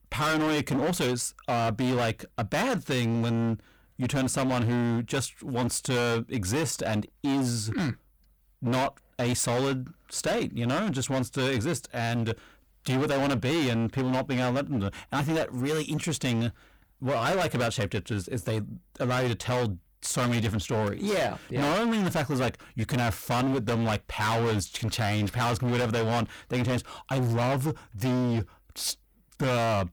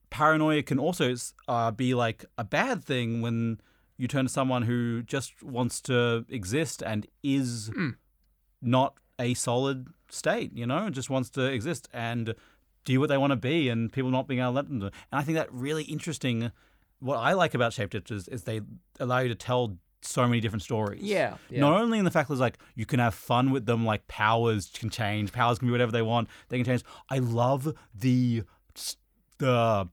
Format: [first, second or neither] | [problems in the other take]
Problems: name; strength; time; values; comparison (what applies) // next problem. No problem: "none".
second | distortion; heavy; 26% of the sound clipped